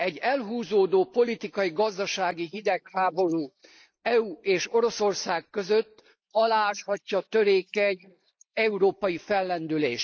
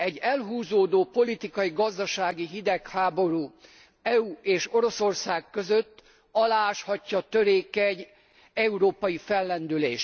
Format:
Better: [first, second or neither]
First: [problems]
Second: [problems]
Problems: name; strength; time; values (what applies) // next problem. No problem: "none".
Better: second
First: noise reduction (neural mask model Resemble Enhance denoiser)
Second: none